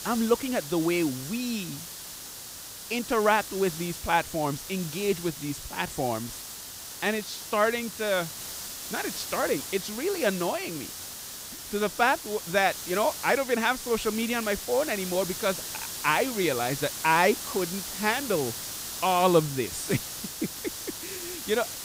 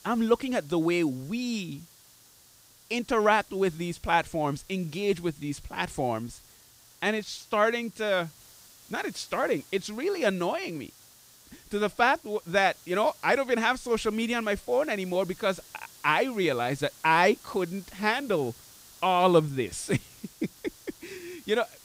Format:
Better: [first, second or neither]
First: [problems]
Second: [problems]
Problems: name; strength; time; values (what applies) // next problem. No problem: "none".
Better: second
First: hiss; loud; throughout; 8 dB below the speech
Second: hiss; faint; throughout; 25 dB below the speech